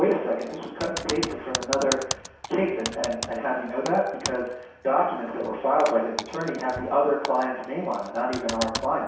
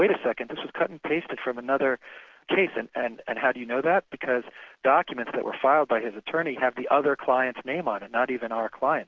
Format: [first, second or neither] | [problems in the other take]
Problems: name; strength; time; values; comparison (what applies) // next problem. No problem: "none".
second | background sound (Typing); 10 dB below the speech // room echo; dies away in 0.7 s